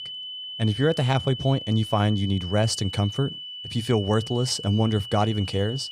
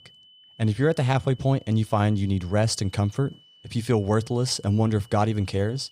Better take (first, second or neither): second